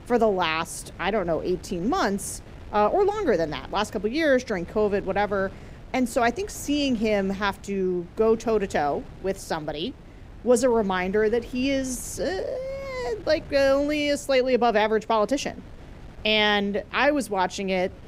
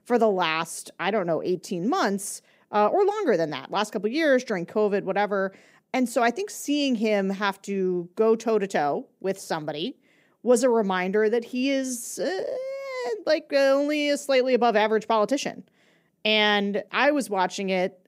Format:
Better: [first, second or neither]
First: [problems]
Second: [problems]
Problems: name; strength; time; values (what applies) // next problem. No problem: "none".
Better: second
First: wind noise on the microphone; occasional gusts; 25 dB below the speech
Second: none